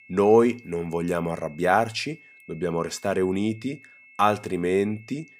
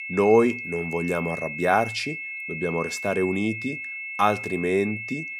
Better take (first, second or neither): first